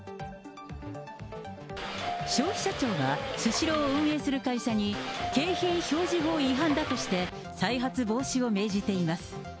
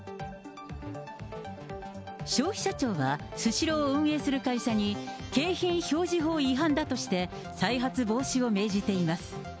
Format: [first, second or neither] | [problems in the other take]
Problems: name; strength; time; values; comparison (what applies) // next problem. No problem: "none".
second | background sound (Subway, metro, underground / Doorbell); 5 dB below the speech